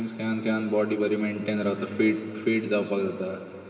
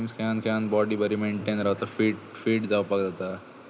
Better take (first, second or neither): second